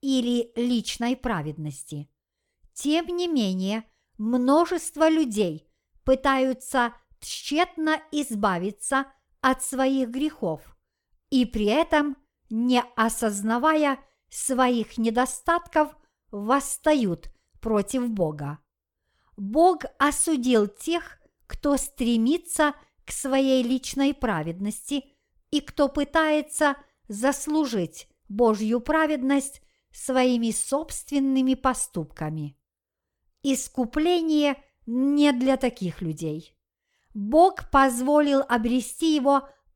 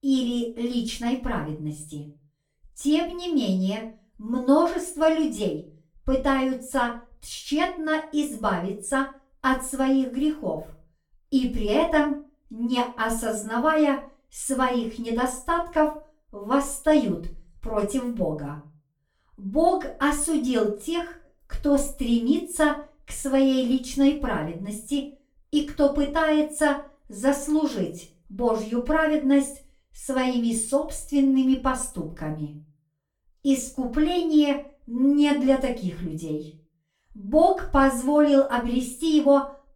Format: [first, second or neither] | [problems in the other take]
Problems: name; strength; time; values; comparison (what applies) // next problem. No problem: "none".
first | off-mic speech; far // room echo; slight; dies away in 0.3 s